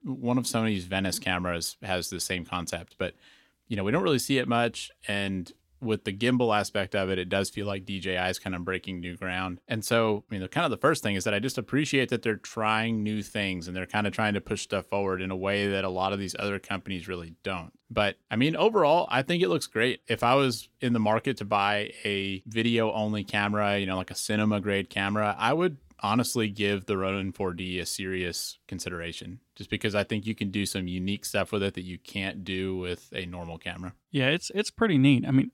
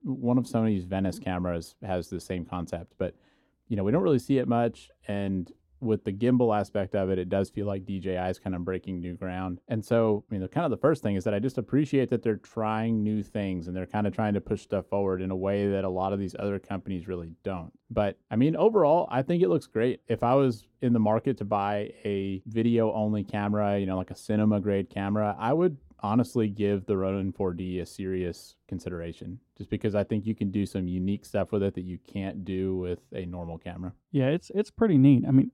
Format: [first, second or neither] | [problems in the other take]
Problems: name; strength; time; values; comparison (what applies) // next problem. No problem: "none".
first | muffled; slightly; fading above 1 kHz